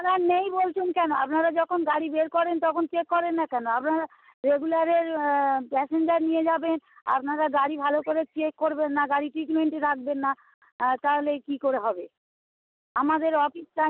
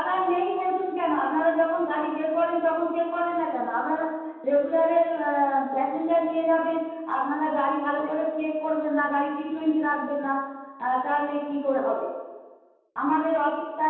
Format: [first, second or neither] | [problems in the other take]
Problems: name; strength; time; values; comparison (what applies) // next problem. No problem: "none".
first | room echo; dies away in 1.2 s